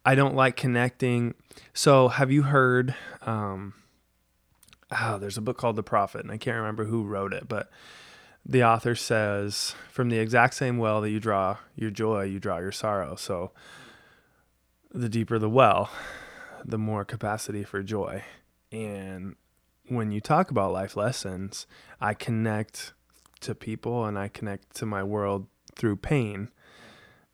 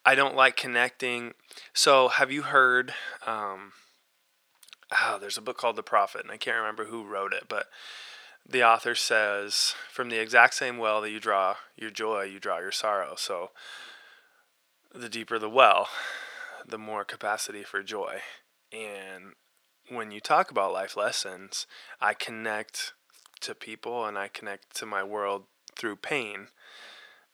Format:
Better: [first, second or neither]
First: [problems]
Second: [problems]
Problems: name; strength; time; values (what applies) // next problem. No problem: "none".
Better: first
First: none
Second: thin; very; fading below 550 Hz